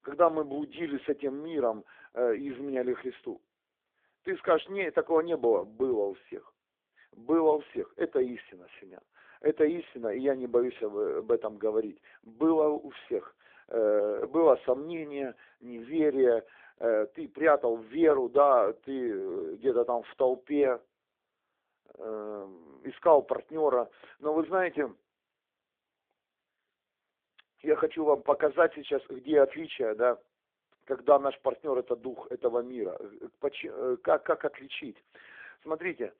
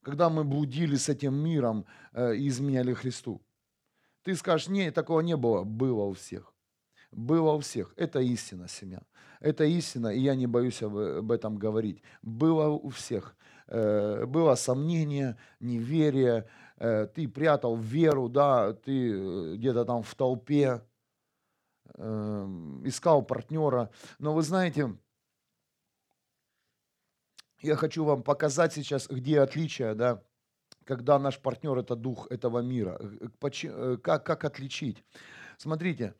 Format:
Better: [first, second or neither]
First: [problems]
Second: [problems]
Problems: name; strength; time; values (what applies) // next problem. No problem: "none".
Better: second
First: phone-call audio; poor line; nothing above 3.5 kHz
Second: none